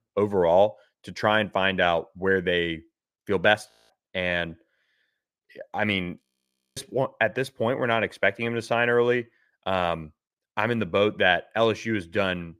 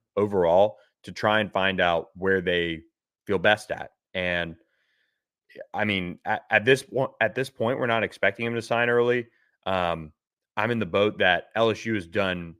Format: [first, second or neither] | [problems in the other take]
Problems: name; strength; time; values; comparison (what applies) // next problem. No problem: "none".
second | audio freezing; at 3.5 s and at 6 s for 0.5 s